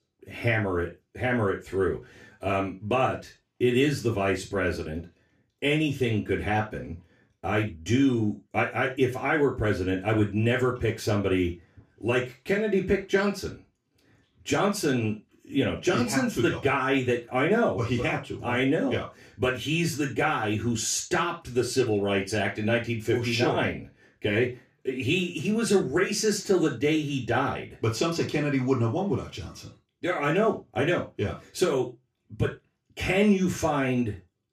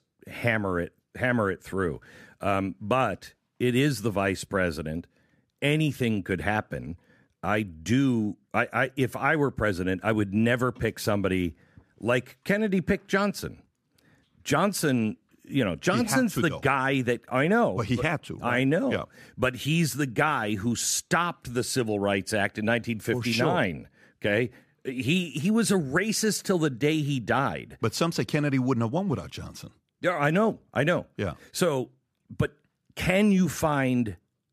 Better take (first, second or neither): second